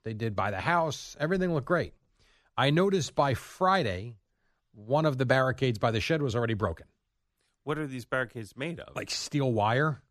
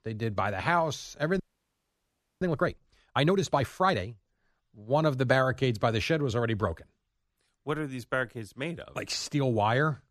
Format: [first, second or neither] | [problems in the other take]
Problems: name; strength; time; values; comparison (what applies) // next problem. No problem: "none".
first | audio freezing; at 1.5 s for 1 s